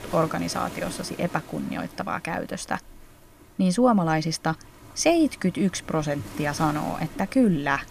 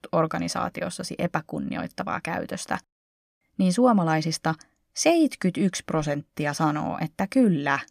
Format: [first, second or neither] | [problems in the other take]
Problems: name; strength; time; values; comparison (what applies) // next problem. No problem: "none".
second | rain or running water; noticeable; throughout; 15 dB below the speech